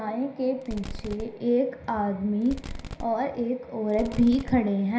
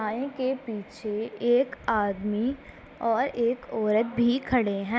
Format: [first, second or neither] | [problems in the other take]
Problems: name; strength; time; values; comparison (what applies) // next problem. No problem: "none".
second | background sound (Fireworks); 12 dB below the speech // room echo; dies away in 0.5 s